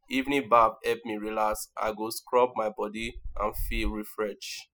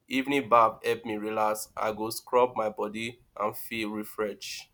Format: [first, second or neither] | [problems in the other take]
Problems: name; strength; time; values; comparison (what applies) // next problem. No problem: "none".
second | noise reduction (classical method spectral subtraction)